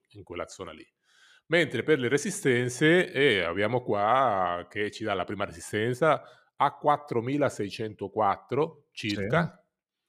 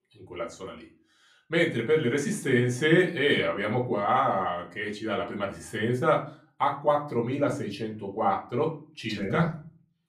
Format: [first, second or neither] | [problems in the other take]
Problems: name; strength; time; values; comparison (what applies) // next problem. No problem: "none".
first | off-mic speech; far // room echo; very slight; dies away in 0.3 s